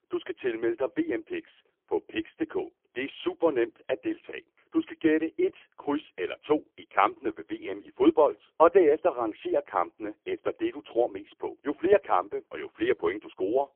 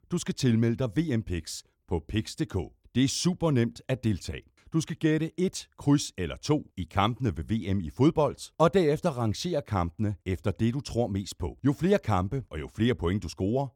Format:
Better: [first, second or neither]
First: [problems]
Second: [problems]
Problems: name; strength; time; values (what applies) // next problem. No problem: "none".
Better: second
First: phone-call audio; poor line; nothing above 3.5 kHz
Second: none